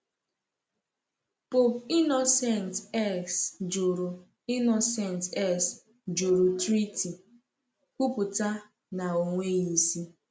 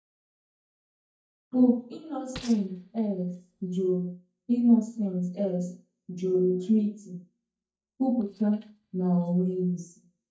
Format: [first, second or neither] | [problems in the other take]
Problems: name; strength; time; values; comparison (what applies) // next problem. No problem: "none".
first | noise reduction (neural mask model DeepFilterNet 3)